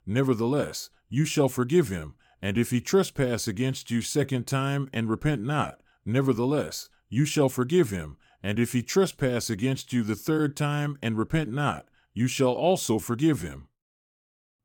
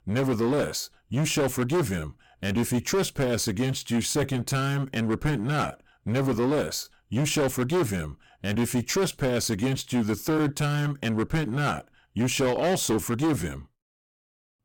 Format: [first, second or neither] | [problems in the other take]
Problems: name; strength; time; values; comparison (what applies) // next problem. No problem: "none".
first | distortion; heavy; 15% of the sound clipped